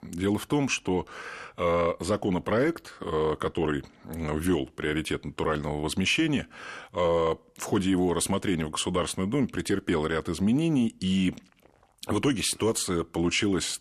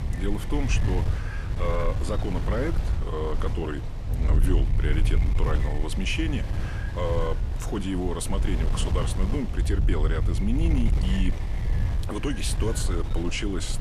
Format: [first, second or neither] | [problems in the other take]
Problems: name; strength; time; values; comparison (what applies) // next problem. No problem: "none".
first | wind noise on the microphone; heavy; 7 dB below the speech